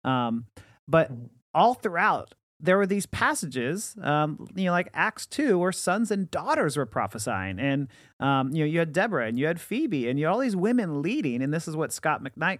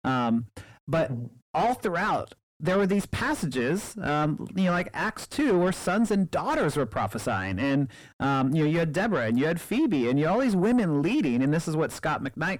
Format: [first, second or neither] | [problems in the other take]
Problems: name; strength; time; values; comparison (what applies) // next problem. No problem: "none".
first | distortion; heavy; 5 dB below the speech